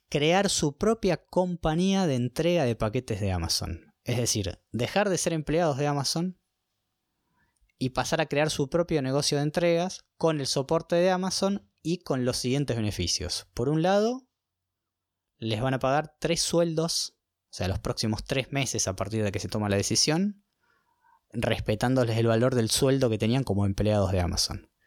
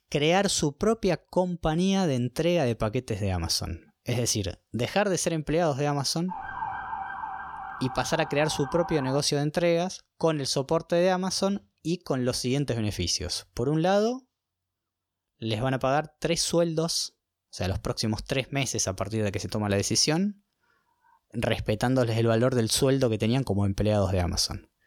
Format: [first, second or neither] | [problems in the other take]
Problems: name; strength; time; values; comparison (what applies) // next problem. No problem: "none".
first | siren; noticeable; from 6.5 to 9 s; peak 7 dB below the speech